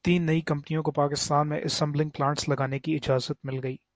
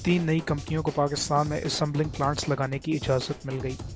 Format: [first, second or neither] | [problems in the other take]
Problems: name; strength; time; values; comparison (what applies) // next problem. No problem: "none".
first | background sound (Drum / Drum kit); 12 dB below the speech